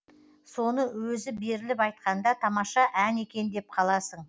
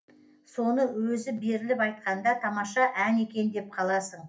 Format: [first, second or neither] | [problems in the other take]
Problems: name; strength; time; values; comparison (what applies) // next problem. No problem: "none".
first | room echo; dies away in 0.3 s